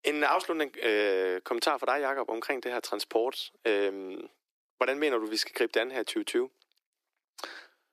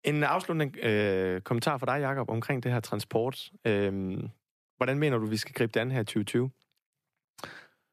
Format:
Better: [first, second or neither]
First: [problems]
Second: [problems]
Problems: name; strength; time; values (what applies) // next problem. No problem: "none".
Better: second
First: thin; somewhat; fading below 300 Hz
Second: none